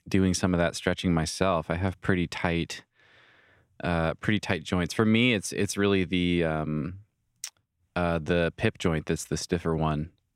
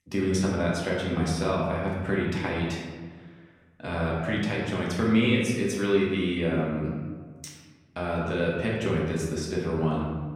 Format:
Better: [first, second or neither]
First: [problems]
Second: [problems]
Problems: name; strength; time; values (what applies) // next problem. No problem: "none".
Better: first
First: none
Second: room echo; noticeable; dies away in 1.2 s // off-mic speech; far